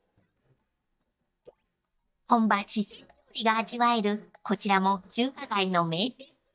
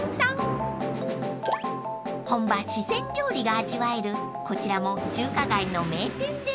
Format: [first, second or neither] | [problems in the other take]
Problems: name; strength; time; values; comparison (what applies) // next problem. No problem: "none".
second | noise reduction (neural mask model DeepFilterNet 3)